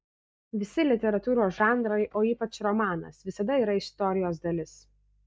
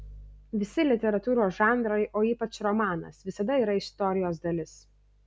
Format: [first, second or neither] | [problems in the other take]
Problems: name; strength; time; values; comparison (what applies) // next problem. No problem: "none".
second | noise reduction (neural mask model DeepFilterNet 3)